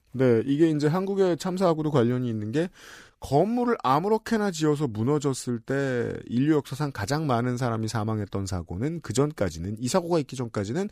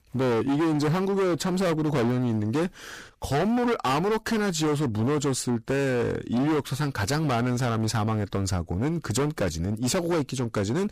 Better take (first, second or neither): first